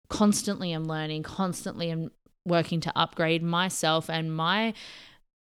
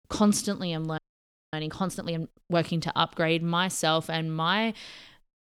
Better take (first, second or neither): first